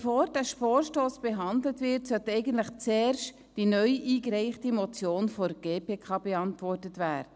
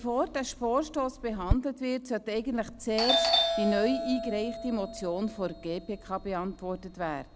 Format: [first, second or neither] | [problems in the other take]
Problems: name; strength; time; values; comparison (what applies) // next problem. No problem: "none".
first | background sound (Doorbell); 2 dB below the speech